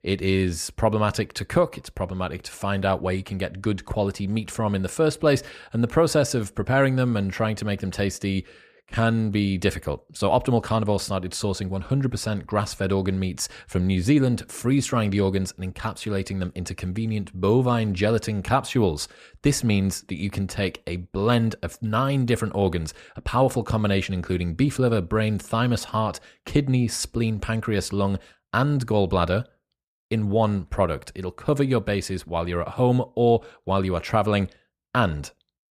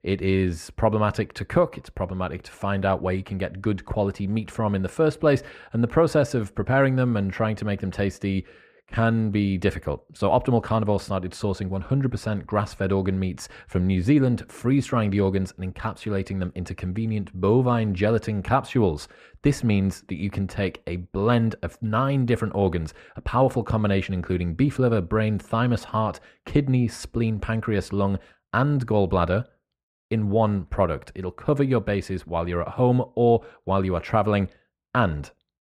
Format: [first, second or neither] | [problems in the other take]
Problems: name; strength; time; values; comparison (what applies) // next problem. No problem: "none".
first | muffled; slightly; fading above 3.5 kHz